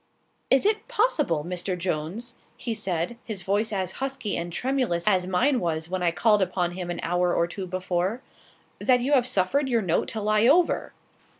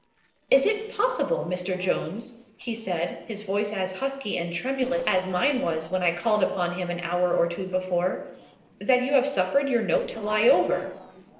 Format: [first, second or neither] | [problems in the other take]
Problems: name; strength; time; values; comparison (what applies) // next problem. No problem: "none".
first | noise reduction (neural separator model SepFormer DNS4)